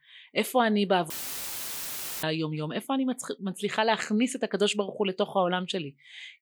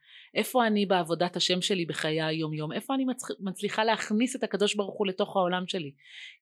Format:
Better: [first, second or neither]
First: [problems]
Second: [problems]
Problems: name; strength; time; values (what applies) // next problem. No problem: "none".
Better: second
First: audio cutting out; filled with static; at 1 s for 1 s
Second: none